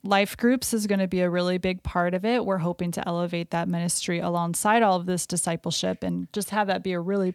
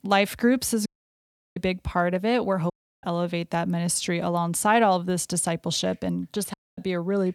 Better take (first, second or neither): first